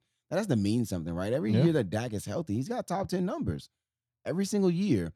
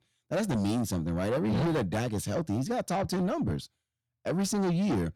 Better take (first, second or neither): first